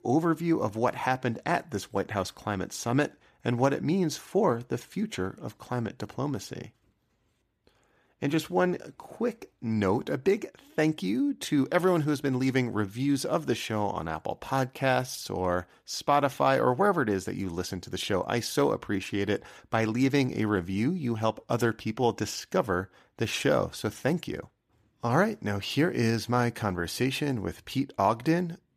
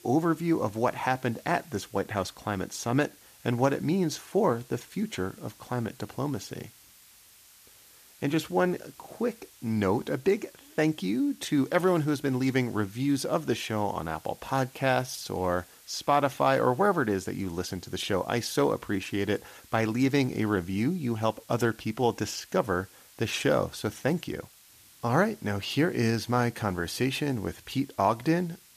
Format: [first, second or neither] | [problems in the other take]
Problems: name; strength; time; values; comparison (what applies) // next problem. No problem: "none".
first | hiss; faint; throughout; 25 dB below the speech